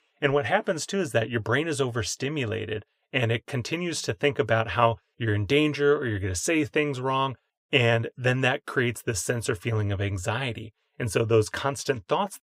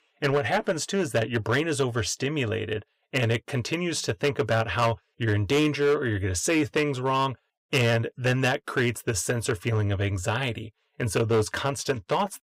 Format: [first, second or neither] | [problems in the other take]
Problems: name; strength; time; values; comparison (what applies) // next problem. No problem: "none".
first | distortion; slight; 5% of the sound clipped